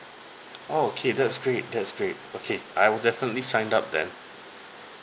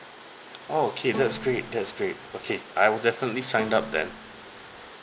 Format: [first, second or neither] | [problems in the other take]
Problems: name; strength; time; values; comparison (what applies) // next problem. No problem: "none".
first | background sound (Bowed string instrument); 11 dB below the speech